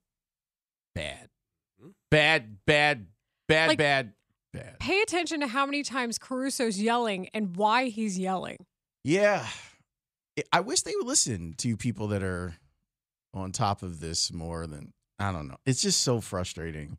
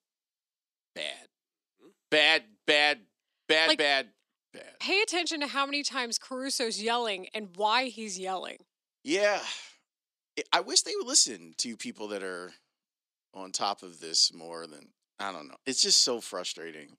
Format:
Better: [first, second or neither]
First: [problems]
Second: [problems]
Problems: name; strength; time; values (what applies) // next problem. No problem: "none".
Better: first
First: none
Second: thin; somewhat; fading below 250 Hz